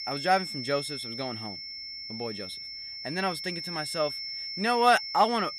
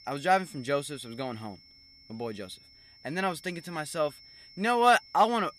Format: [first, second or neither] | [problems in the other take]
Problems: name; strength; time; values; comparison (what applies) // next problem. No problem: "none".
second | high-pitched whine; loud; throughout; 5.5 kHz, 6 dB below the speech; faint in the second